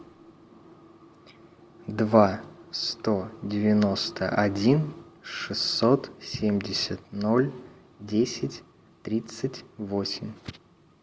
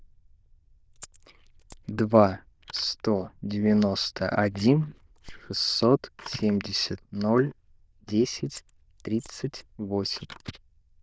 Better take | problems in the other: first | noise reduction (neural diffusion model UNIVERSE++)

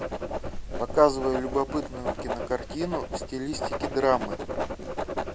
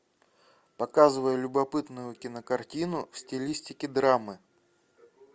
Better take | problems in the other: second | background sound (Writing); 4 dB below the speech

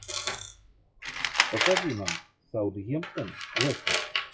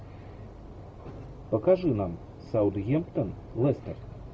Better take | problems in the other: second | noise reduction (classical method log-MMSE)

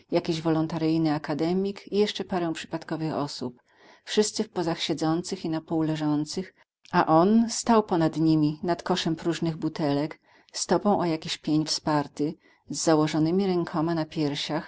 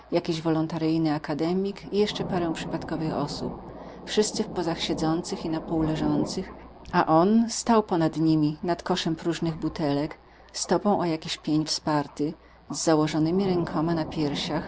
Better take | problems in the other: first | background sound (Thunder); 13 dB below the speech

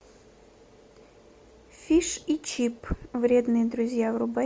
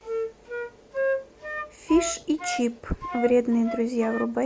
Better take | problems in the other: first | background sound (Wind instrument, woodwind instrument); 6 dB below the speech

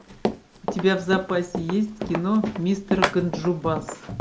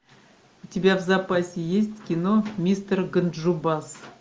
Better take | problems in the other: second | background sound (Run); 5 dB below the speech

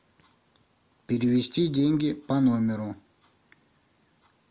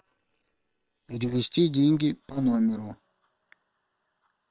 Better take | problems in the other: first | noise reduction (neural separator model SepFormer WHAM!)

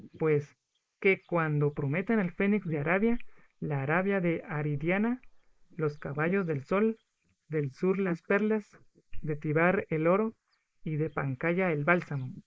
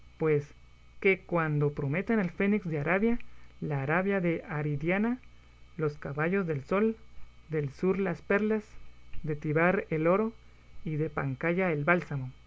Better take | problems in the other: second | noise reduction (neural mask model Resemble Enhance denoiser)

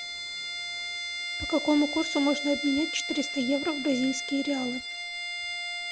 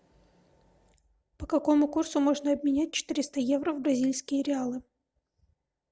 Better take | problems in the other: second | background sound (Bowed string instrument); 4 dB below the speech

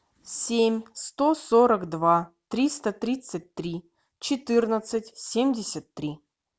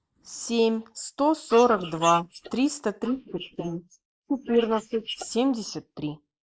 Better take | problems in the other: first | noise reduction (neural mask model Resemble Enhance denoiser)

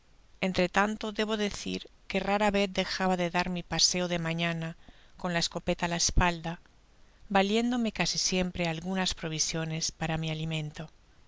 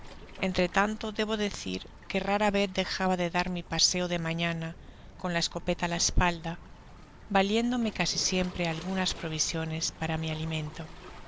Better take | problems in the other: first | background sound (Waves, surf + Truck); 17 dB below the speech

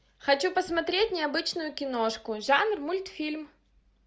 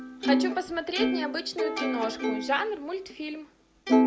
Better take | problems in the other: first | background sound (Plucked string instrument); 4 dB above the speech

